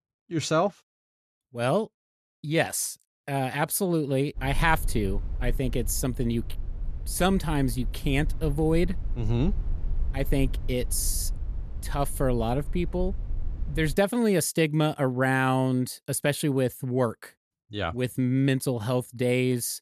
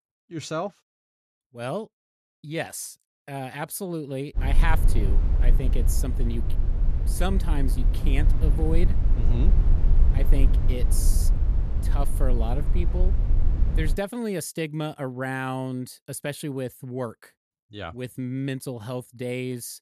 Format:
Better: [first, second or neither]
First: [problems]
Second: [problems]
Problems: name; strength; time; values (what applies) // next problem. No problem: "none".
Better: first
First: low rumble; faint; from 4.5 to 14 s; 25 dB below the speech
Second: low rumble; loud; from 4.5 to 14 s; 8 dB below the speech